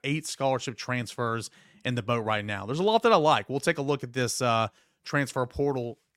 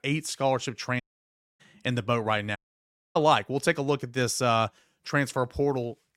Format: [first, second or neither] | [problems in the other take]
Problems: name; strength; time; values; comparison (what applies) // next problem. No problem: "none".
first | audio cutting out; at 1 s for 0.5 s and at 2.5 s for 0.5 s